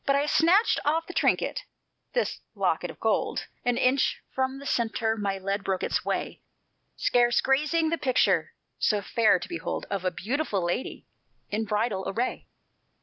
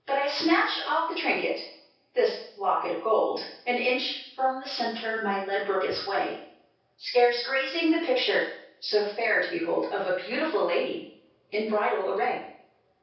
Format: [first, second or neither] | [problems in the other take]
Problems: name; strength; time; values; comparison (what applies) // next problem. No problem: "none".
first | room echo; dies away in 0.6 s